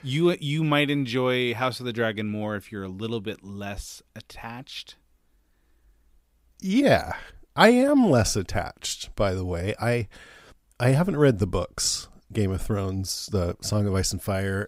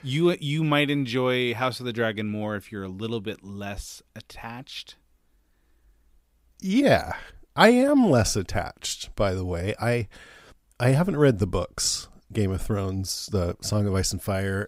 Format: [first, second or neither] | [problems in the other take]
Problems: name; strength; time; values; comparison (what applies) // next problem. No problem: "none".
neither | none